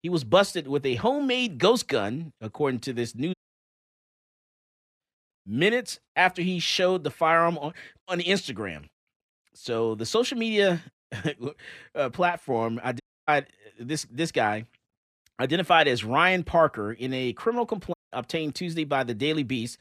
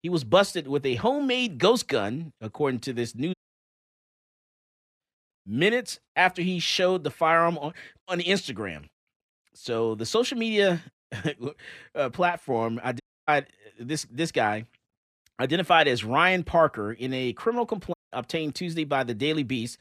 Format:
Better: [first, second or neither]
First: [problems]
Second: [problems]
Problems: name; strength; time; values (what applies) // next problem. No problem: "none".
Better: neither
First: audio cutting out; at 3.5 s for 1.5 s, at 13 s and at 18 s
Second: audio cutting out; at 3.5 s for 1.5 s, at 13 s and at 18 s